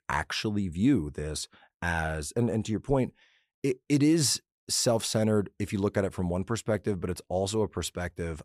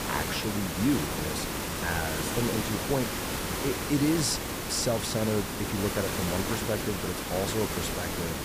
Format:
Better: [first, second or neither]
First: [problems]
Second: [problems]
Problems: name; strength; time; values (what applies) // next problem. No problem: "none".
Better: first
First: none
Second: hiss; loud; throughout; as loud as the speech